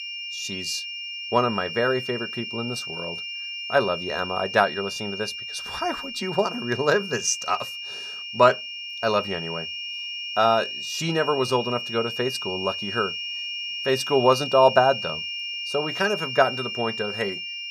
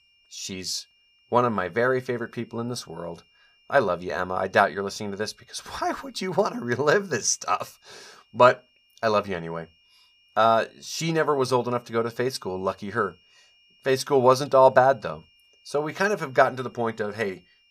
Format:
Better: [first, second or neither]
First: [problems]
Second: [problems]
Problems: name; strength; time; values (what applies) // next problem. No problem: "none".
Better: second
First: high-pitched whine; loud; throughout; 3 kHz, 6 dB below the speech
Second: high-pitched whine; faint; throughout; 3 kHz, 35 dB below the speech